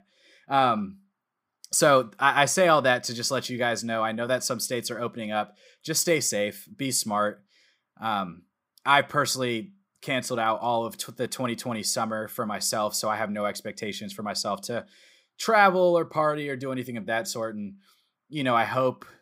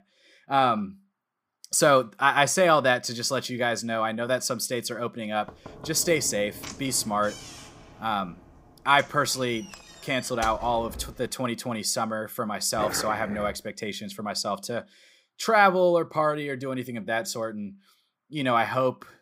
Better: first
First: none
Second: door banging; faint; from 5.5 to 11 s; peak 15 dB below the speech // dog barking; noticeable; at 13 s; peak 7 dB below the speech

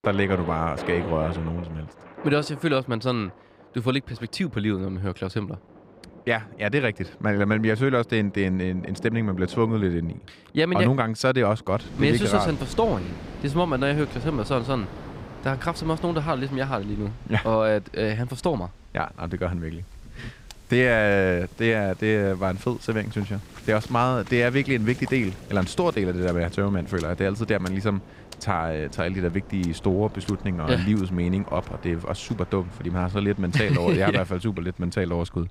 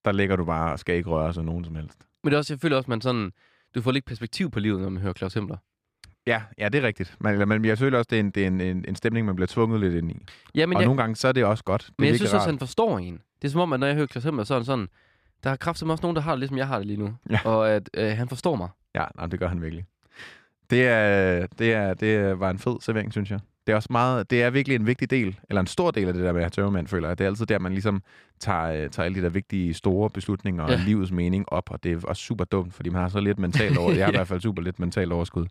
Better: second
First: rain or running water; noticeable; throughout; 15 dB below the speech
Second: none

